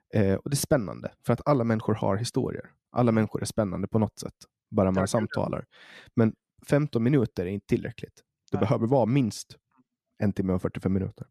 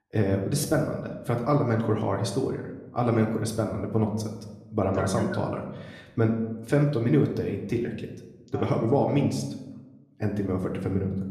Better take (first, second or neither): first